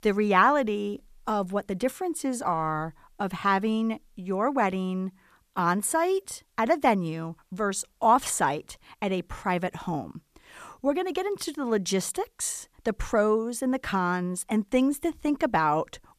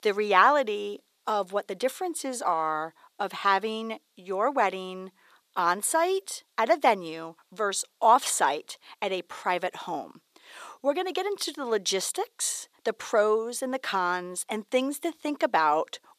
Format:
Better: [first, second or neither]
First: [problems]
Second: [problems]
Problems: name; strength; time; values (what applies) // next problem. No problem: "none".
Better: first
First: none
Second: thin; somewhat; fading below 450 Hz